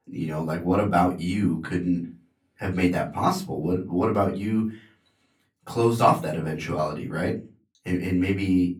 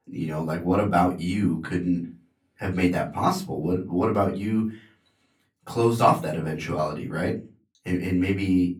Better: neither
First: off-mic speech; far // room echo; very slight; dies away in 0.3 s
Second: off-mic speech; far // room echo; very slight; dies away in 0.3 s

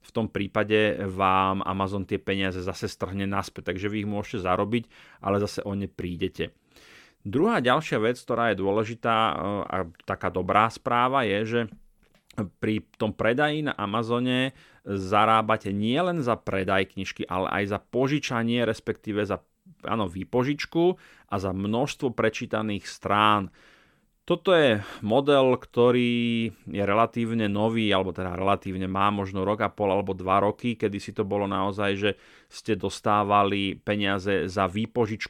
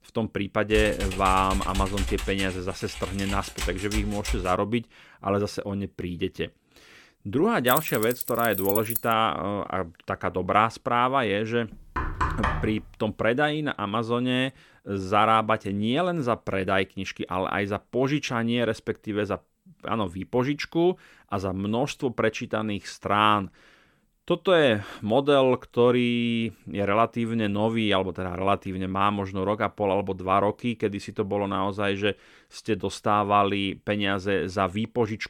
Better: first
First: none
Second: keyboard typing; noticeable; from 0.5 to 4.5 s; peak 5 dB below the speech // jangling keys; noticeable; from 7.5 to 9 s; peak 1 dB below the speech // door banging; noticeable; at 12 s; peak 1 dB below the speech

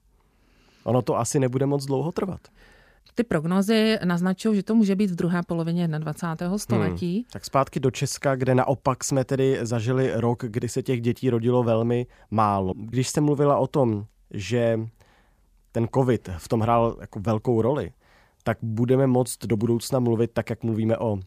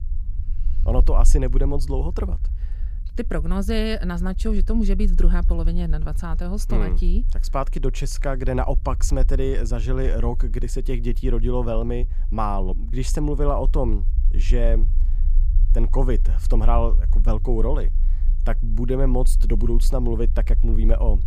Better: first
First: none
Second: low rumble; noticeable; throughout; 20 dB below the speech

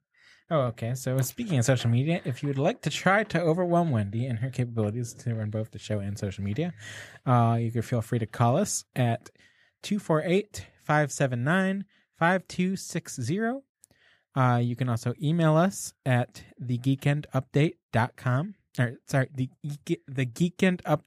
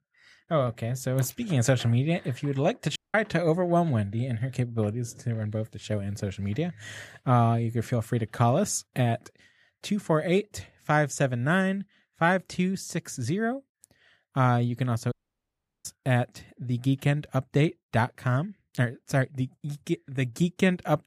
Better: first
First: none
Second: audio cutting out; at 3 s and at 15 s for 0.5 s

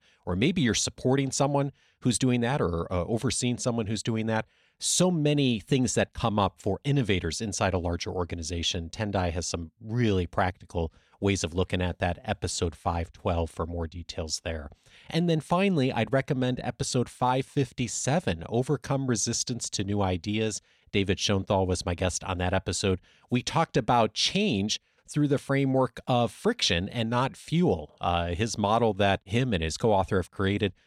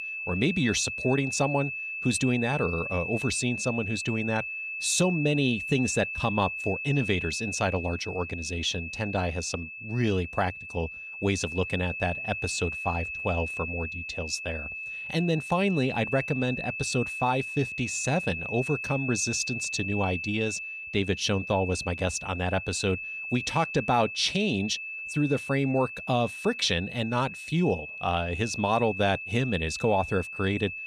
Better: first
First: none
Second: high-pitched whine; loud; throughout; 2.5 kHz, 5 dB below the speech

